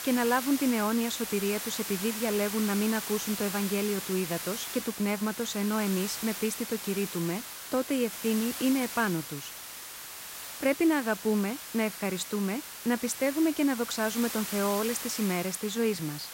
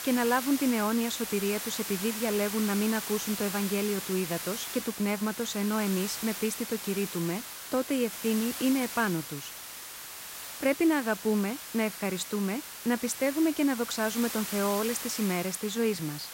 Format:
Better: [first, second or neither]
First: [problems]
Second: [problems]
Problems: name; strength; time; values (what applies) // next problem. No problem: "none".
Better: neither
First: hiss; loud; throughout; 6 dB below the speech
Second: hiss; loud; throughout; 6 dB below the speech